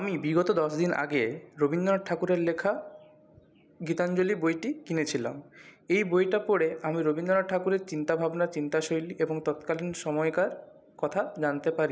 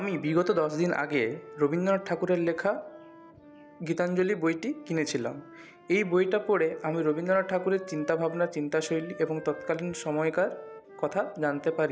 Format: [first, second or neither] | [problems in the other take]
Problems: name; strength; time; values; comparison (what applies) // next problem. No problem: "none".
first | background sound (Wind instrument, woodwind instrument); 18 dB below the speech